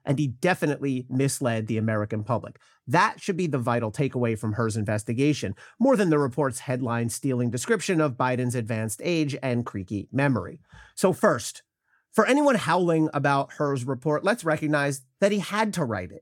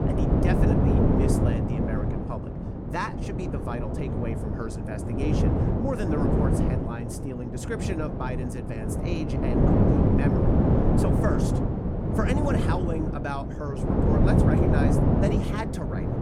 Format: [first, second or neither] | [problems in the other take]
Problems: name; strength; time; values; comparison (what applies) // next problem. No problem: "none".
first | wind noise on the microphone; heavy; 4 dB above the speech